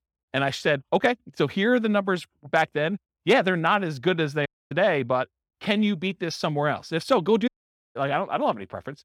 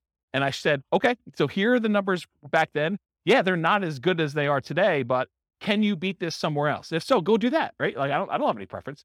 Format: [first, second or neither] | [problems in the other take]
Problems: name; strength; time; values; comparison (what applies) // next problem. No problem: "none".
second | audio cutting out; at 4.5 s and at 7.5 s